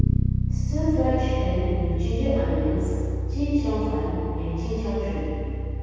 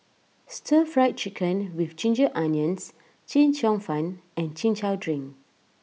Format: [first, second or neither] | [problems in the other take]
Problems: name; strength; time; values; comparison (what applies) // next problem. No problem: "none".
second | background sound (Bass guitar); 2 dB above the speech // room echo; dies away in 2.2 s